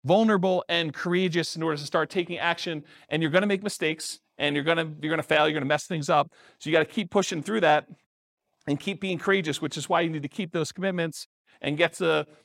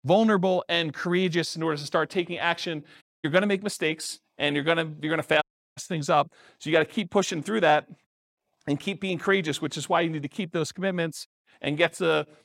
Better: first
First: none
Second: audio cutting out; at 3 s and at 5.5 s

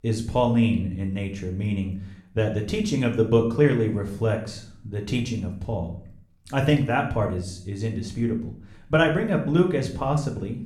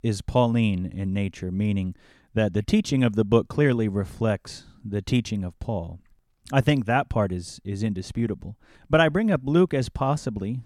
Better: second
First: room echo; slight; dies away in 0.5 s // off-mic speech; somewhat distant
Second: none

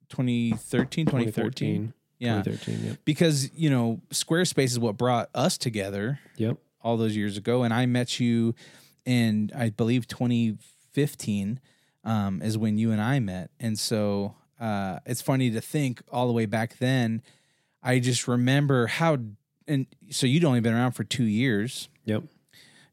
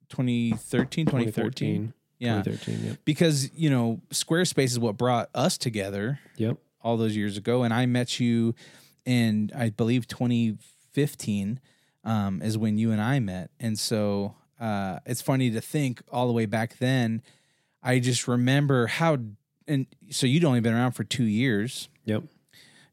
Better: neither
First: door banging; noticeable; at 0.5 s; peak 3 dB below the speech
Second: door banging; noticeable; at 0.5 s; peak 3 dB below the speech

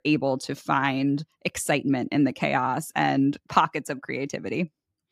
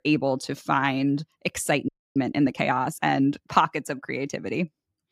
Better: first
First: none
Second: audio freezing; at 2 s

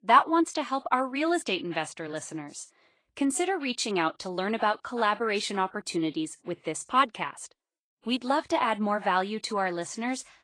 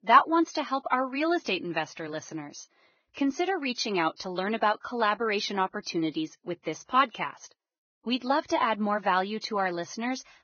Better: first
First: garbled, watery; slightly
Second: garbled, watery; badly; nothing above 6.5 kHz

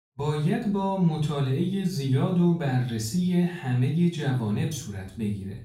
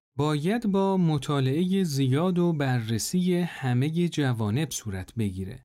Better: second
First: off-mic speech; far // room echo; noticeable; dies away in 0.4 s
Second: none

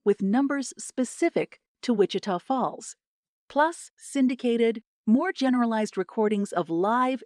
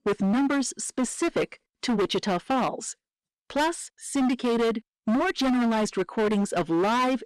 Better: first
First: none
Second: distortion; heavy; 23% of the sound clipped

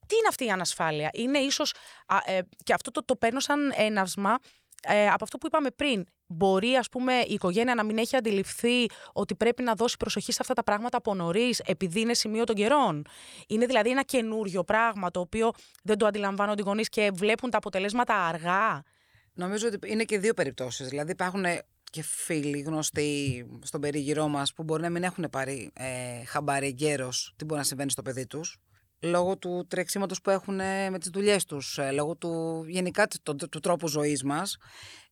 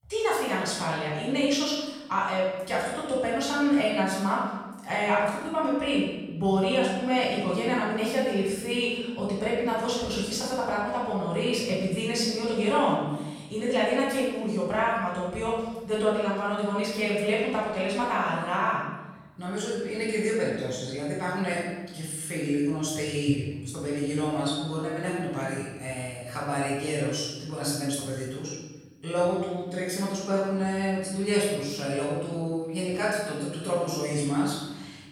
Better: first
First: none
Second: off-mic speech; far // room echo; noticeable; dies away in 1.1 s

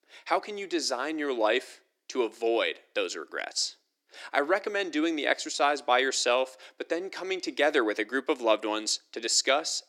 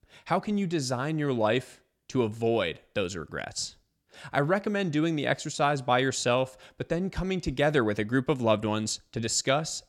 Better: second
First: thin; somewhat; fading below 300 Hz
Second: none

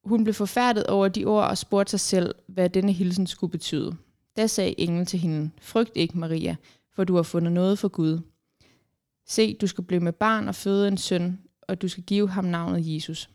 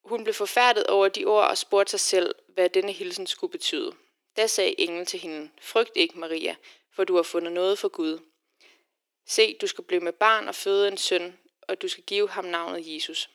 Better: first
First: none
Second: thin; very; fading below 350 Hz

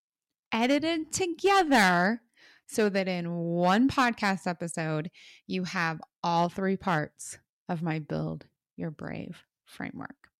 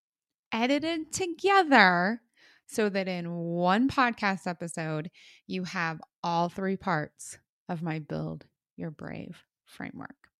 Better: second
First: distortion; slight; 1.6% of the sound clipped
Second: none

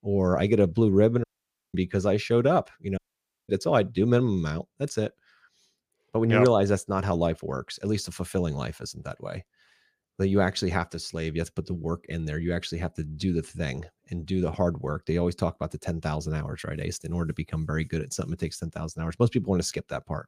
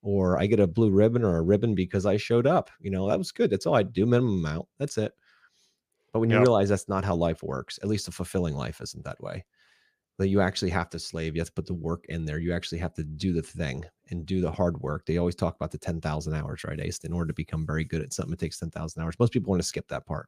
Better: second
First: audio cutting out; at 1 s and at 3 s for 0.5 s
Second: none

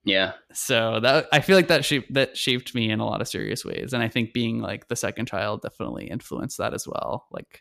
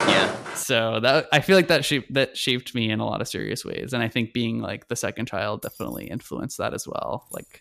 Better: first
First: none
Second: footsteps; loud; at the start; peak 2 dB above the speech // jangling keys; faint; at 5.5 s and at 7 s; peak 15 dB below the speech

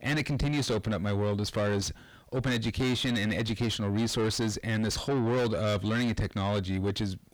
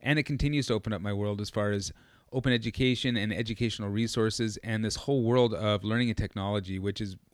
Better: second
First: distortion; heavy; 6 dB below the speech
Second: none

